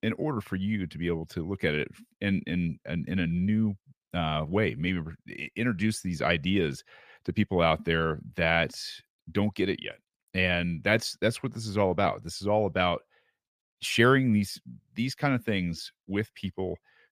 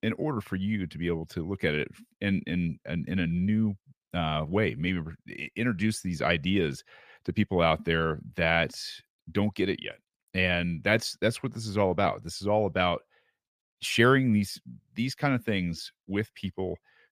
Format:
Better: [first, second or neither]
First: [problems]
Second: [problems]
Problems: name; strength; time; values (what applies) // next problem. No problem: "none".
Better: neither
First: none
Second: none